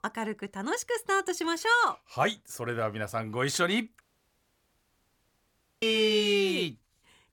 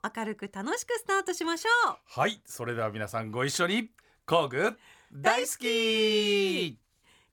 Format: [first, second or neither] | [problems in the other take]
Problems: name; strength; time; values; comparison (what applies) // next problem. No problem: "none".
second | audio cutting out; at 4 s for 2 s